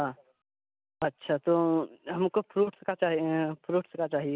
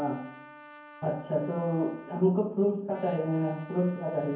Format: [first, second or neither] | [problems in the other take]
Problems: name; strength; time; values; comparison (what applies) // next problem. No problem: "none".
first | background sound (Trumpet); 20 dB below the speech // room echo; dies away in 0.9 s